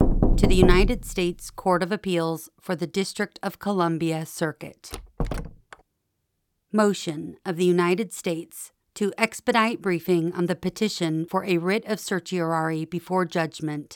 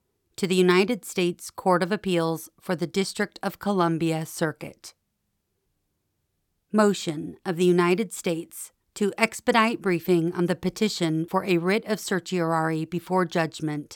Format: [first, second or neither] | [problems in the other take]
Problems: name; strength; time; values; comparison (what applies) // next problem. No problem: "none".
second | door banging; loud; at the start; peak 3 dB above the speech // door banging; noticeable; at 5 s; peak 7 dB below the speech